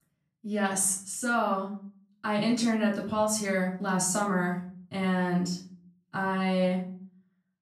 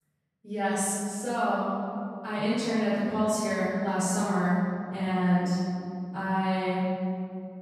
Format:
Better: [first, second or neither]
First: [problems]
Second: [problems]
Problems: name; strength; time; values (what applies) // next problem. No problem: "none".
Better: first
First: room echo; slight; dies away in 0.4 s // off-mic speech; far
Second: room echo; strong; dies away in 2.7 s // off-mic speech; far